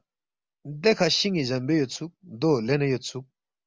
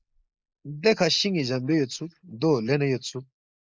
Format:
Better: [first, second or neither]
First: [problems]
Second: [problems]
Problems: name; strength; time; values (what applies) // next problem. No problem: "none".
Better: first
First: none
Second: noise reduction (neural mask model Resemble Enhance denoiser)